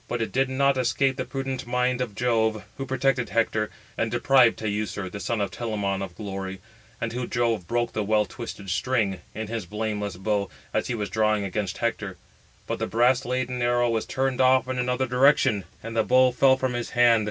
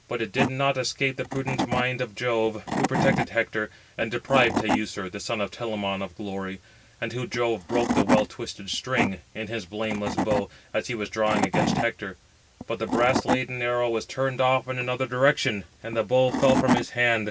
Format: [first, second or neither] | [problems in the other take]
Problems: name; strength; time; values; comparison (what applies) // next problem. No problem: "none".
first | background sound (Wood / Tools); 4 dB below the speech